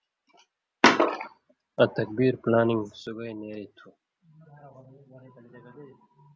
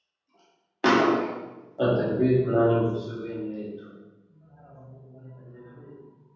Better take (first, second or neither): first